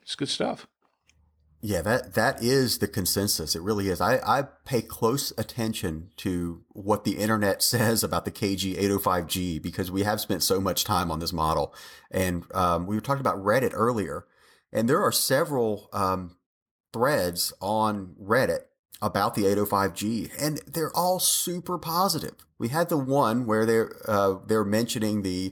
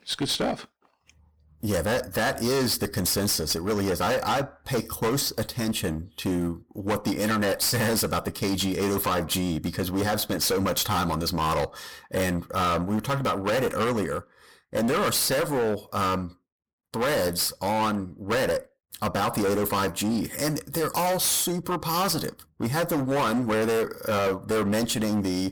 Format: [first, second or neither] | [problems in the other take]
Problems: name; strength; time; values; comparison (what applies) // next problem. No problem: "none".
first | distortion; heavy; 21% of the sound clipped